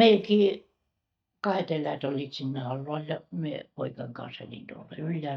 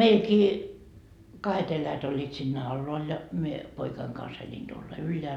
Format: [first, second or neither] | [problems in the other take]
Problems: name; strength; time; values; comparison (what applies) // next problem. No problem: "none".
second | noise reduction (neural mask model DeepFilterNet 3)